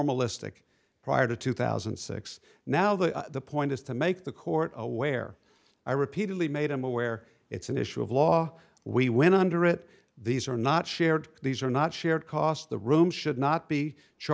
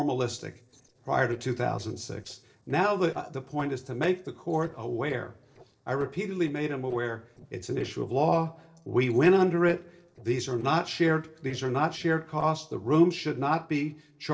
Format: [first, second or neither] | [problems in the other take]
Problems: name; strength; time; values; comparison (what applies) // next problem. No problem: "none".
first | noise reduction (neural separator model SepFormer DNS4)